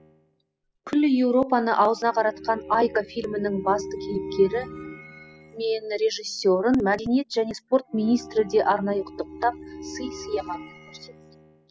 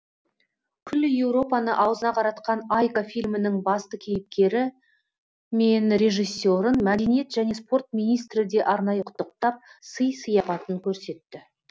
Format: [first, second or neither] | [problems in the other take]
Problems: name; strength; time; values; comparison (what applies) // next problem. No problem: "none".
second | noise reduction (classical method spectral subtraction)